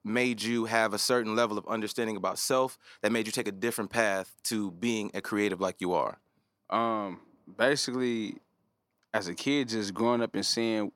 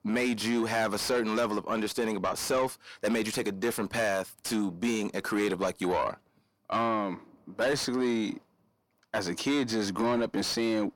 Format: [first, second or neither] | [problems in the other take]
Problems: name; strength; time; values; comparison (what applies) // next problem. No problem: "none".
first | distortion; heavy; 7 dB below the speech